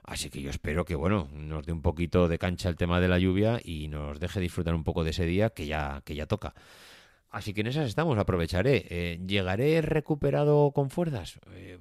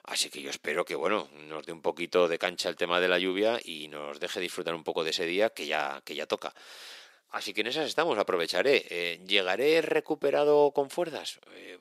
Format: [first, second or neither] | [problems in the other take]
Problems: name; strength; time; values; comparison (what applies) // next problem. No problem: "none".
first | thin; very; fading below 350 Hz